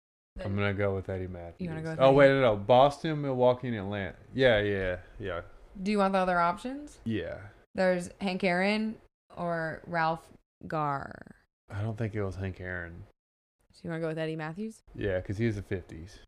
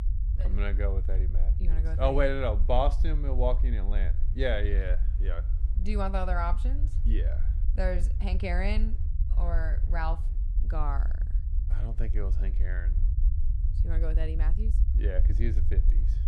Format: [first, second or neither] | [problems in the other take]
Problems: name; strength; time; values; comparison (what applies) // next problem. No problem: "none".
first | low rumble; noticeable; throughout; 15 dB below the speech